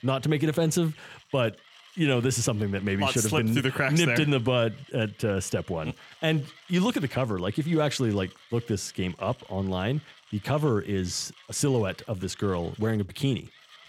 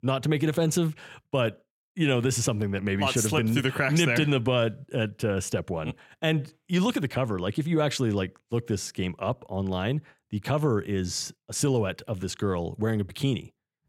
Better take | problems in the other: second | machinery noise; faint; throughout; 25 dB below the speech

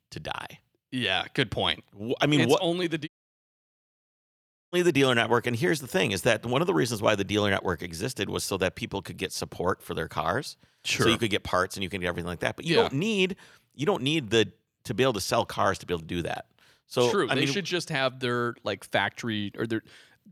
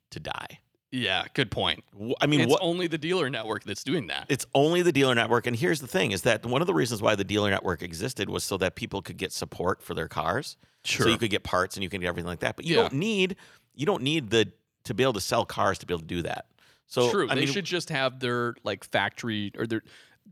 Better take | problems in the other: second | audio cutting out; at 3 s for 1.5 s

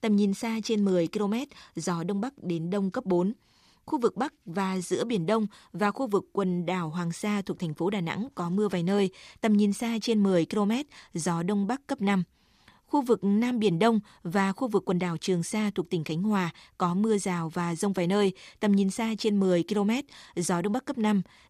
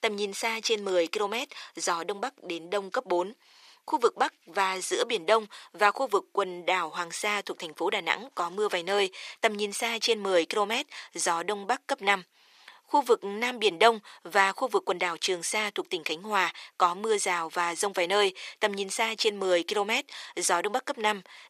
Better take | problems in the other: first | thin; very; fading below 450 Hz

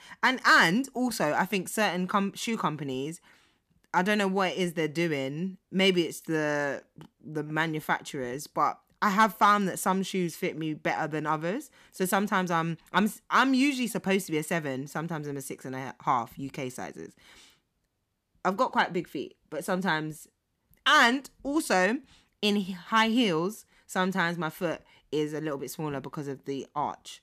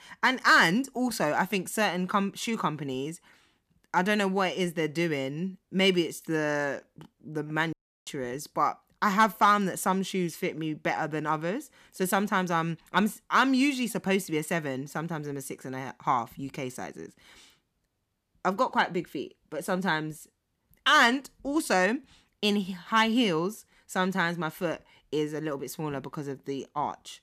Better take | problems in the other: first | audio cutting out; at 7.5 s

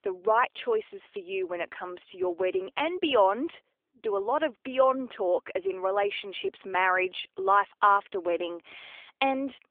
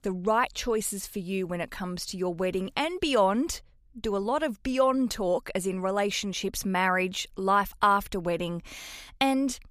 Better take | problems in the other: second | phone-call audio; nothing above 3.5 kHz

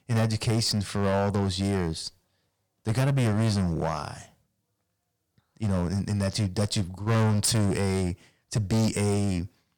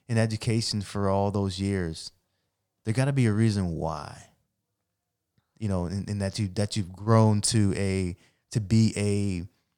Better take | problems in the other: second | distortion; heavy; 12% of the sound clipped

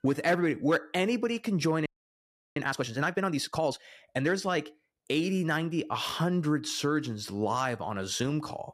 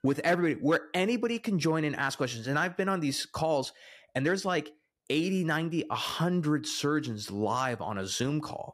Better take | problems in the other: second | audio freezing; at 2 s for 0.5 s

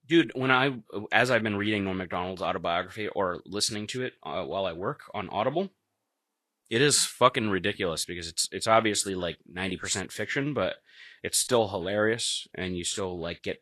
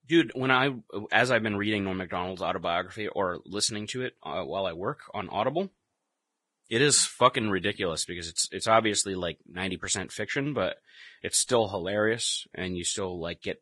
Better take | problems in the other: first | garbled, watery; badly; slightly in the first

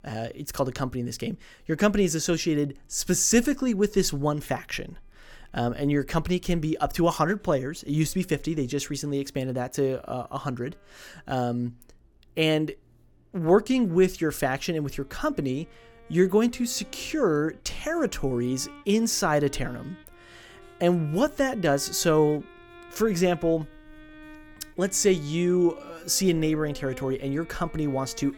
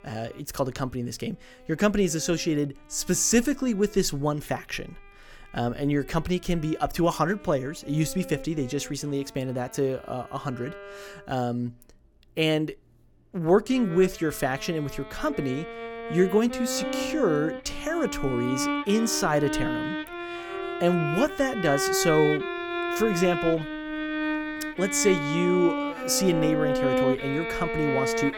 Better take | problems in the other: first | background music; loud; throughout; 4 dB below the speech; faint in the first

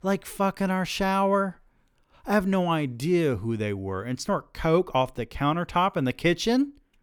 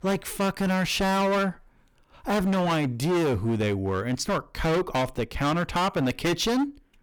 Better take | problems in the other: first | distortion; heavy; 23% of the sound clipped

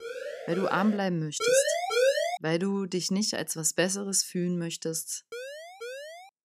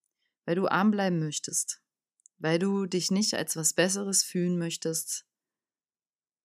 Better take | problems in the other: second | siren; noticeable; at the start; peak 8 dB below the speech // siren; loud; at 1.5 s; peak 4 dB above the speech // siren; faint; at 5.5 s; peak 10 dB below the speech

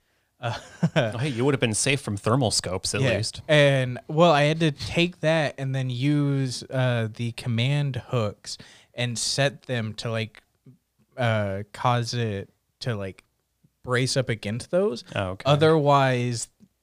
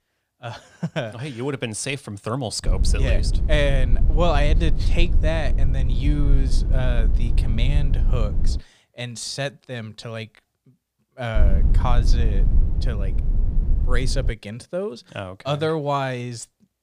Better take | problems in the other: first | low rumble; noticeable; from 2.5 to 8.5 s and from 11 to 14 s; 10 dB below the speech

